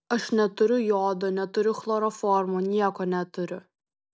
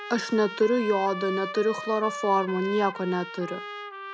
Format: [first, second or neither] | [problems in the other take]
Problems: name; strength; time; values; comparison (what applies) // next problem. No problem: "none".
first | background sound (Trumpet); 10 dB below the speech